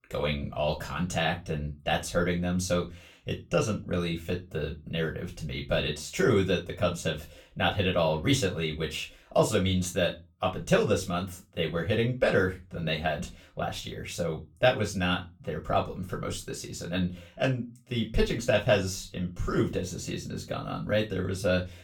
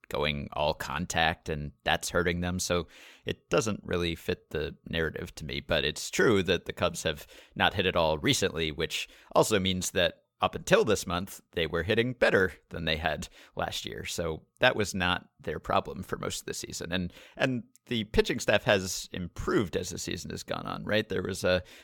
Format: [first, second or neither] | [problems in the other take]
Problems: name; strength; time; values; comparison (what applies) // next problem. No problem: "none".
second | off-mic speech; far // room echo; very slight; dies away in 0.2 s